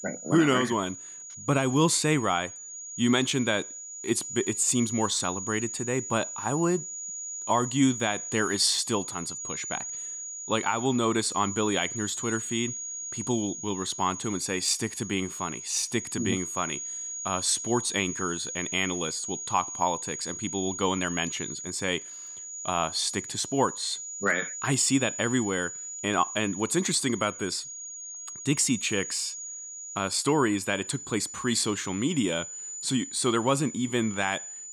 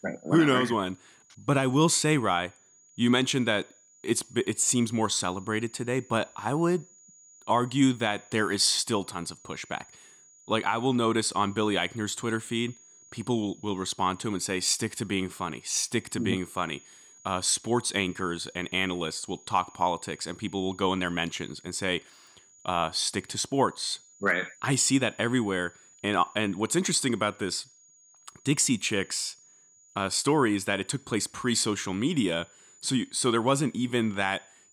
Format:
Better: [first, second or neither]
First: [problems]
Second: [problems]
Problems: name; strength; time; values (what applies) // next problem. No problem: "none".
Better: second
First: high-pitched whine; loud; throughout; 6.5 kHz, 7 dB below the speech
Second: high-pitched whine; faint; throughout; 6.5 kHz, 25 dB below the speech